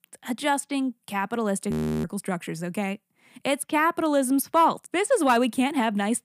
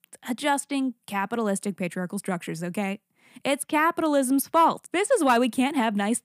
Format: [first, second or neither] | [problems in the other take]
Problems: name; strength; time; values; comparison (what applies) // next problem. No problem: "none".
second | audio freezing; at 1.5 s